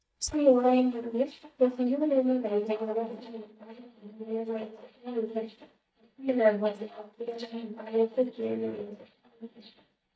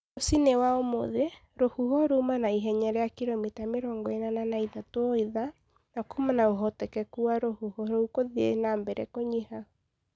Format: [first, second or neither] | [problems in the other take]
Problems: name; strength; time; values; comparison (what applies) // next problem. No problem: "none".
second | noise reduction (neural mask model DeepFilterNet 3)